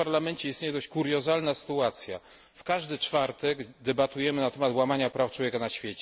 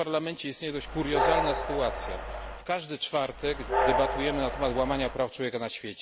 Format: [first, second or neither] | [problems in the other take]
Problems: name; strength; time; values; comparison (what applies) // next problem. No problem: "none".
first | background sound (Train); as loud as the speech